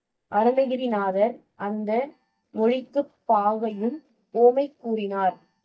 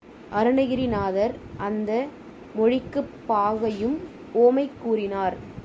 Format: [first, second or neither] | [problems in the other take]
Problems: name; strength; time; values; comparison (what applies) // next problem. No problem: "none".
second | noise reduction (neural mask model DeepFilterNet 3)